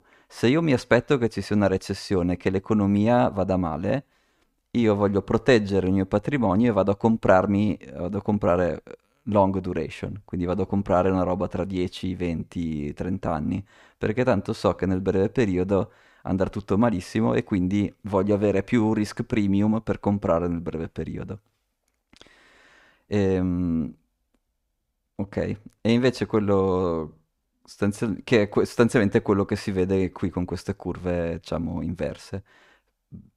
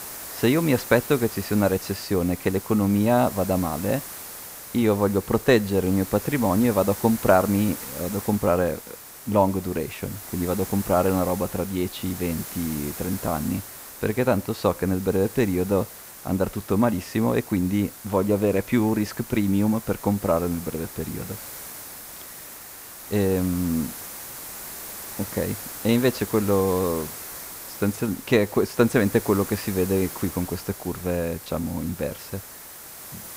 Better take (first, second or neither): first